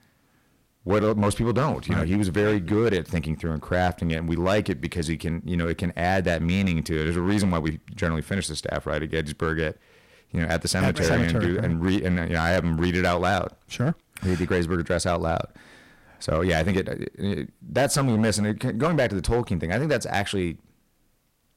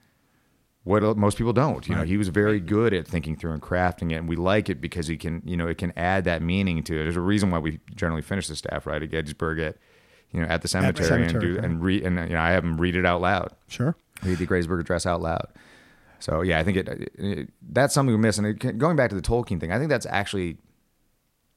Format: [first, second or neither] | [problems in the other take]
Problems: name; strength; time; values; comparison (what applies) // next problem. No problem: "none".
second | distortion; slight; 6% of the sound clipped